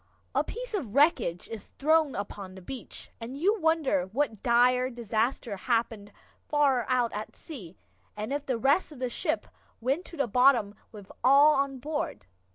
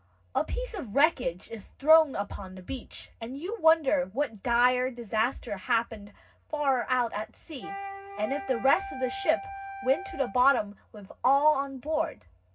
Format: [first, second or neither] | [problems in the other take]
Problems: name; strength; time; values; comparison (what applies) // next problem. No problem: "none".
first | background sound (Wind instrument, woodwind instrument); 10 dB below the speech // room echo; dies away in 0.4 s